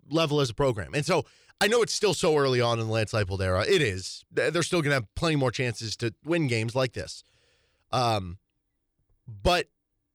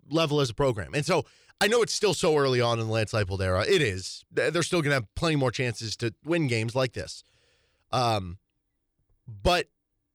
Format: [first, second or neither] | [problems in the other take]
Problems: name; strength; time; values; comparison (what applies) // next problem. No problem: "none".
neither | none